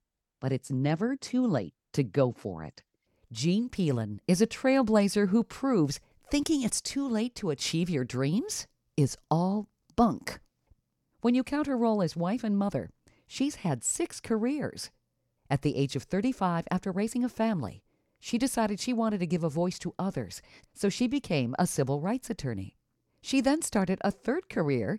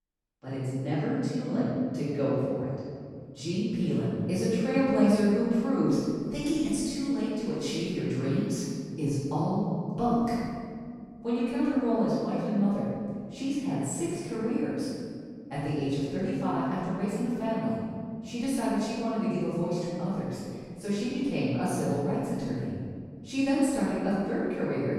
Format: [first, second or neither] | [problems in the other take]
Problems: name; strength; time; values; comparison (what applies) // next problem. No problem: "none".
first | off-mic speech; far // room echo; strong; dies away in 2.1 s